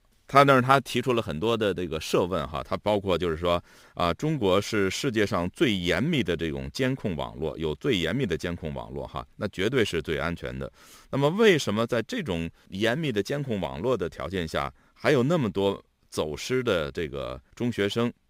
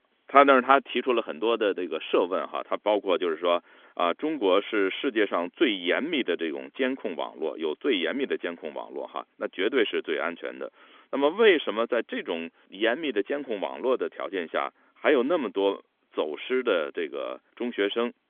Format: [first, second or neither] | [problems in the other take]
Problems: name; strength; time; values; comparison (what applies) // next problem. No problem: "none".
first | phone-call audio; nothing above 3.5 kHz